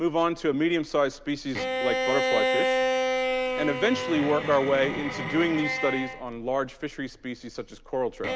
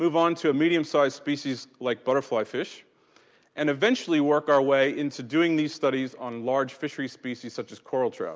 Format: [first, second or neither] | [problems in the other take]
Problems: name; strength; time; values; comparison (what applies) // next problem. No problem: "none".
second | background sound (Bowed string instrument); 2 dB below the speech